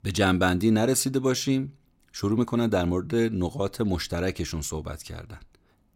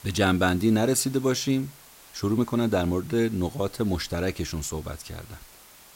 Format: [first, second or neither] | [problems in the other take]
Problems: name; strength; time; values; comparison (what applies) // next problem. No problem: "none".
first | hiss; faint; throughout; 20 dB below the speech